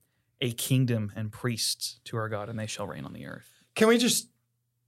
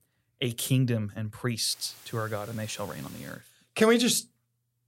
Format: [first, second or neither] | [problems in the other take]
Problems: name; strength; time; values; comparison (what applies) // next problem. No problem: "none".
first | hiss; very faint; from 1.5 to 3.5 s; 20 dB below the speech